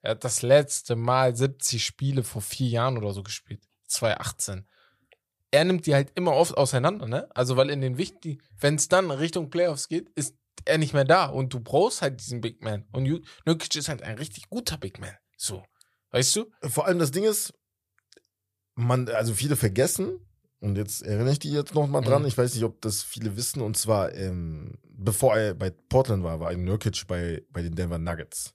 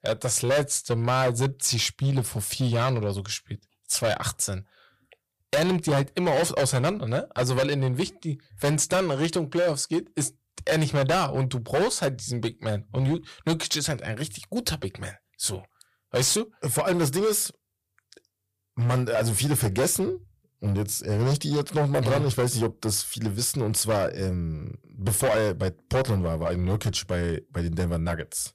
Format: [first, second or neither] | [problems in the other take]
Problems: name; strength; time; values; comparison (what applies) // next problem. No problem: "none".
first | distortion; heavy; 11% of the sound clipped